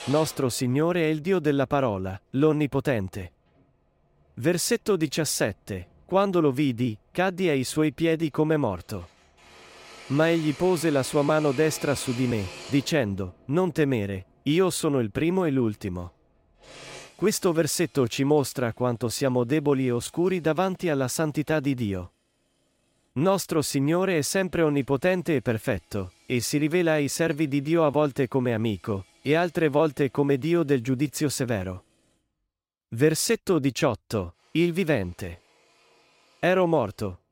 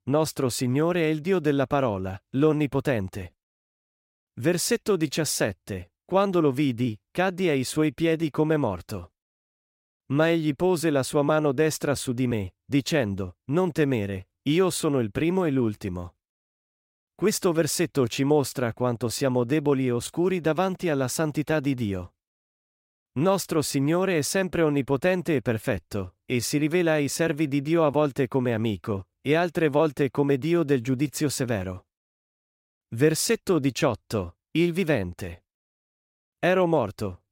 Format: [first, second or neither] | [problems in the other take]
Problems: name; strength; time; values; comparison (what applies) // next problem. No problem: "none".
second | machinery noise; noticeable; throughout; 20 dB below the speech